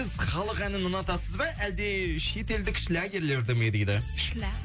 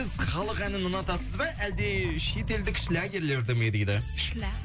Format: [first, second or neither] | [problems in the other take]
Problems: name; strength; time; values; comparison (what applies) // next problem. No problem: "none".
first | background sound (Sink (filling or washing)); 11 dB below the speech